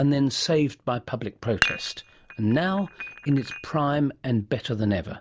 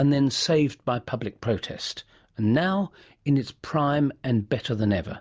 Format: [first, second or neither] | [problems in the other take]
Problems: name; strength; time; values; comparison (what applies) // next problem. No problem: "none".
second | background sound (Dishes, pots, and pans); 8 dB below the speech